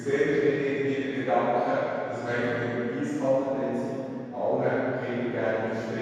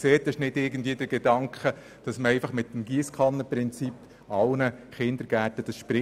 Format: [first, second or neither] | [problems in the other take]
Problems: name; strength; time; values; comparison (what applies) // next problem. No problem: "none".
second | room echo; dies away in 2.2 s